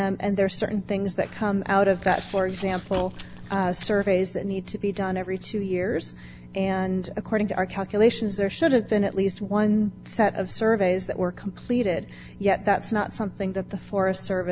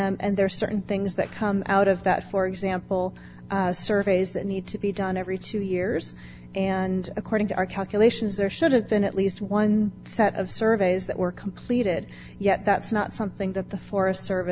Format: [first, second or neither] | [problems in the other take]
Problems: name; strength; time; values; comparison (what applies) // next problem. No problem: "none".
second | background sound (Chewing, mastication); 14 dB below the speech